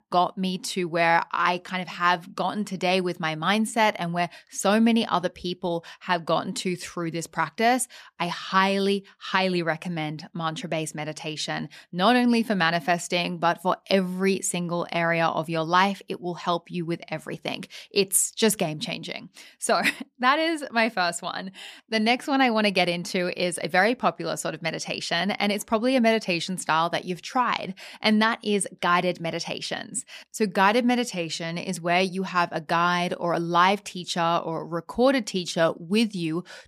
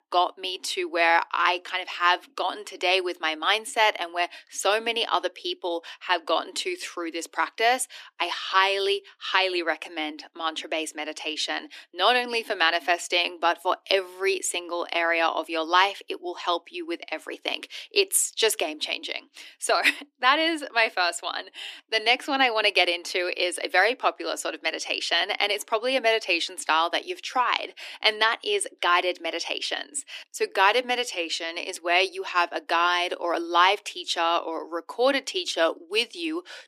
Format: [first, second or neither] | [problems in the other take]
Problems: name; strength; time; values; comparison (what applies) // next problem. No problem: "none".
first | thin; very; fading below 300 Hz